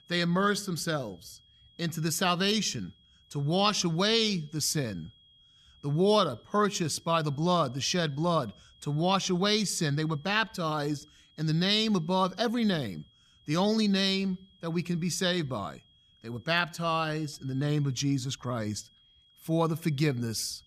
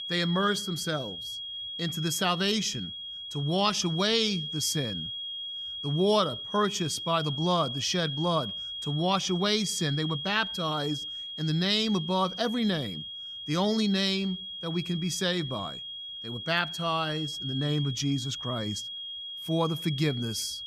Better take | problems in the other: first | high-pitched whine; loud; throughout; 3.5 kHz, 6 dB below the speech; faint in the first

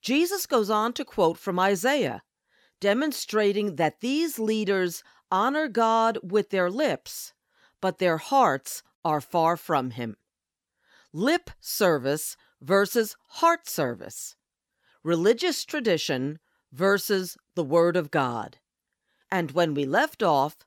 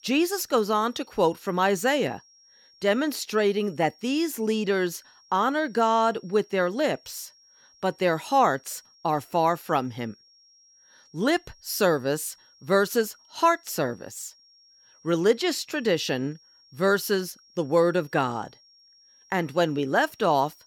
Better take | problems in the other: first | high-pitched whine; faint; throughout; 5.5 kHz, 30 dB below the speech

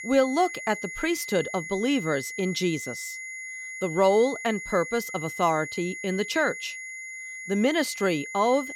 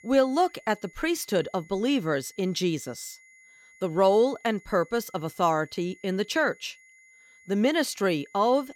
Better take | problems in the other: second | high-pitched whine; loud; throughout; 2 kHz, 9 dB below the speech; faint in the second

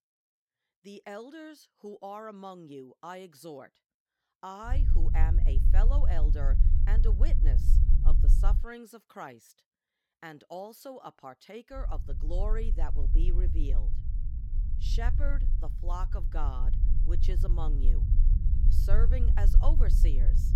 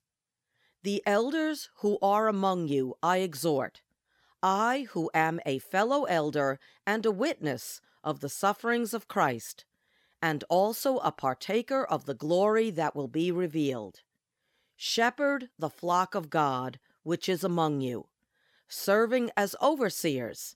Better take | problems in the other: second | low rumble; loud; from 4.5 to 8.5 s and from 12 s on; 7 dB below the speech

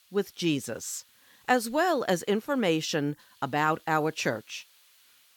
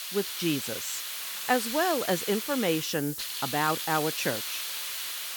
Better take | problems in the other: first | hiss; loud; throughout; 3 dB below the speech; faint in the first

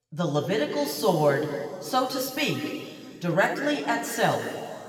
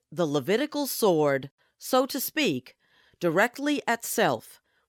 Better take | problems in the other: second | room echo; noticeable; dies away in 2.4 s // off-mic speech; somewhat distant

